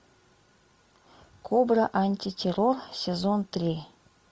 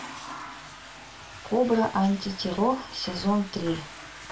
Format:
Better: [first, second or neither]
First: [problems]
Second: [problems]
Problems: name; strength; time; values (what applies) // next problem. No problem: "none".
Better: first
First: none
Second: background sound (Toilet flush / Water); 14 dB below the speech // room echo; dies away in 0.2 s